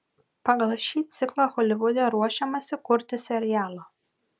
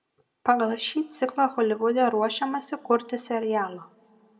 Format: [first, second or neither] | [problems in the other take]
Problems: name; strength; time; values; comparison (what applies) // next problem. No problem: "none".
first | room echo; dies away in 0.7 s